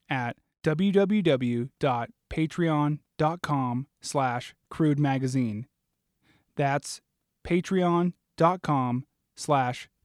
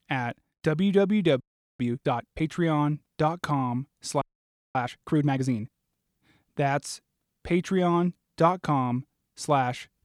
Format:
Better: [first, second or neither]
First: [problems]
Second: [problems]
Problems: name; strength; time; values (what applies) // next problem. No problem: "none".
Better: first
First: none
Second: audio freezing; at 1.5 s and at 4 s for 0.5 s